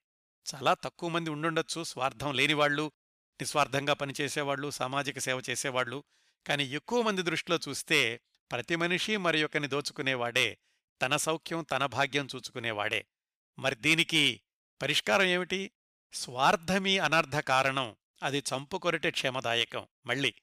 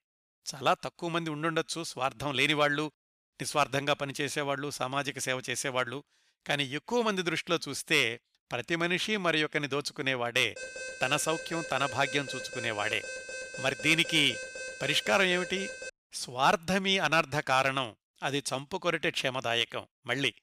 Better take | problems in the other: first | alarm; noticeable; from 11 to 16 s; peak 9 dB below the speech

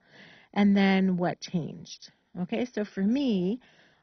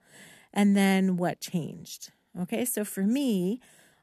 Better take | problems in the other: second | garbled, watery; badly; nothing above 6 kHz

